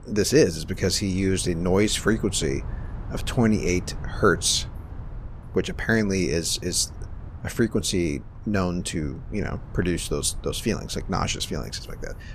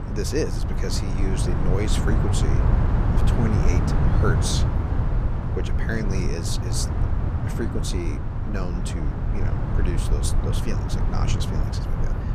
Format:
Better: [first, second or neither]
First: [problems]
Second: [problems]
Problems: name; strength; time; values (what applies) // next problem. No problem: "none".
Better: first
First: low rumble; faint; throughout; 20 dB below the speech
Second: low rumble; loud; throughout; 1 dB below the speech